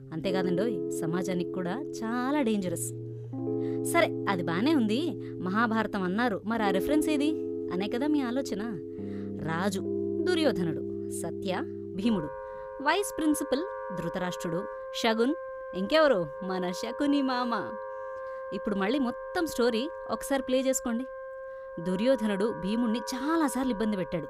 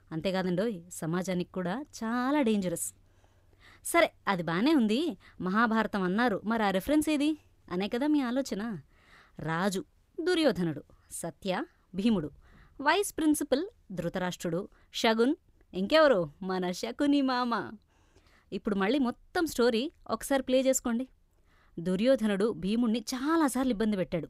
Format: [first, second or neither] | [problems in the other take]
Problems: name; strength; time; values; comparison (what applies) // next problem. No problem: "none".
second | background music; loud; throughout; 7 dB below the speech